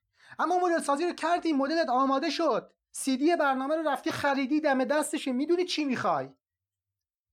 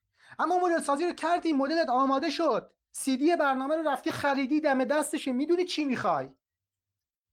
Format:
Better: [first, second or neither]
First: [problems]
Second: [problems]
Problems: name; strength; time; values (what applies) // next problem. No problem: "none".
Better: first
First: none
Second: garbled, watery; slightly; nothing above 15.5 kHz